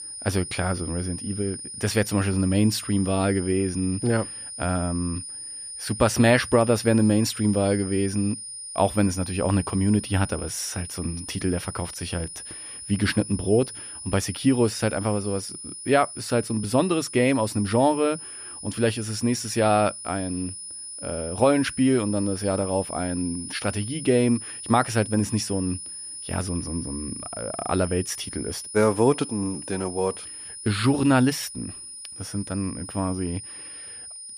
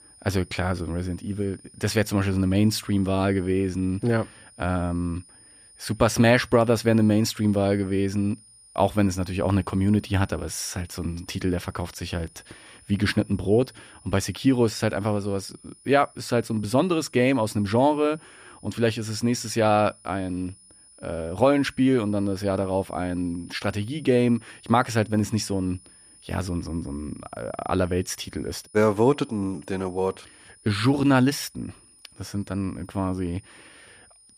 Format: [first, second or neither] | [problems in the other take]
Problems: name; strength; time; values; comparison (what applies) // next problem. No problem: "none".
second | high-pitched whine; loud; throughout; 9.5 kHz, 10 dB below the speech; faint in the second